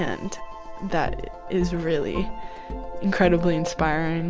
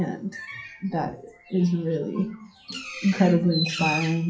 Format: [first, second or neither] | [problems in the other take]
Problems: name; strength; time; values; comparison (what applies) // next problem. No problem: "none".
first | noise reduction (classical method WPE with log-MMSE)